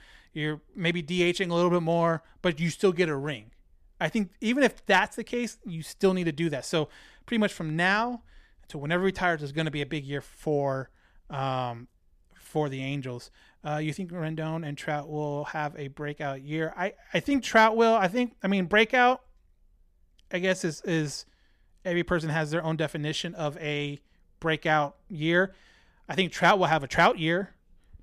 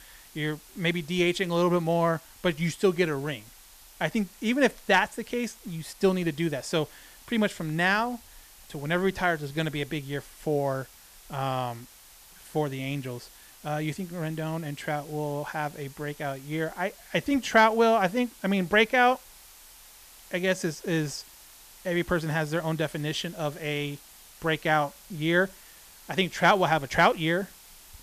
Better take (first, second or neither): first